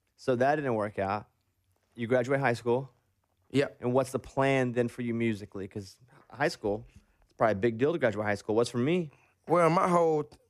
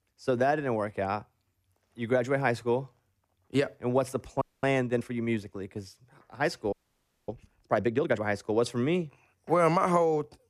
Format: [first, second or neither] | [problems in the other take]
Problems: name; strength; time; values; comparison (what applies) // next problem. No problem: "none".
first | audio freezing; at 4.5 s and at 6.5 s for 0.5 s